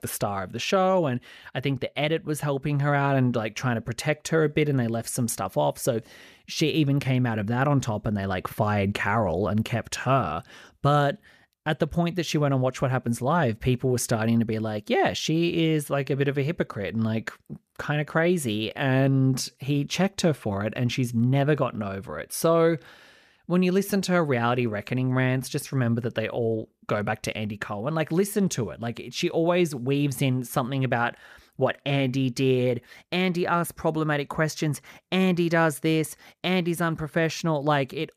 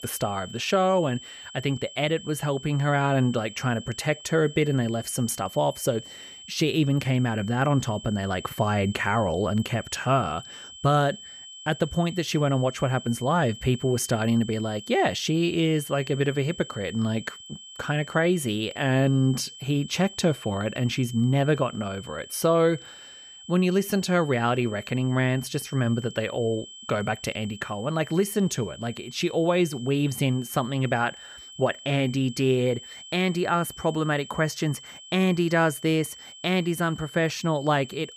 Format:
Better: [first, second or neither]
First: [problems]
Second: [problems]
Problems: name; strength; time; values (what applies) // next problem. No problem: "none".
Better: first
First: none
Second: high-pitched whine; noticeable; throughout; 3 kHz, 15 dB below the speech